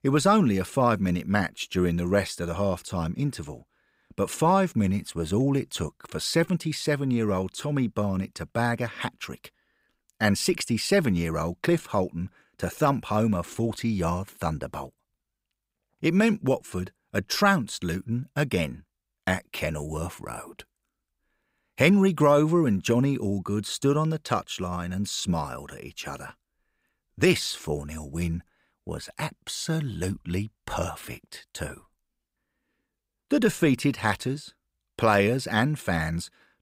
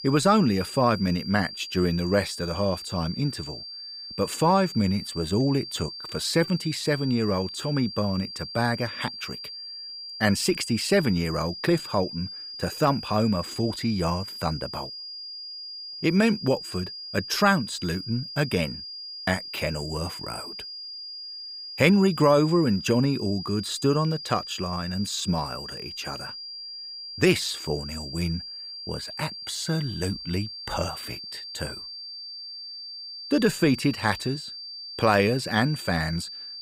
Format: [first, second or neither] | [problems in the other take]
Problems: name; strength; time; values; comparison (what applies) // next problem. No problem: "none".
first | high-pitched whine; loud; throughout; 5 kHz, 10 dB below the speech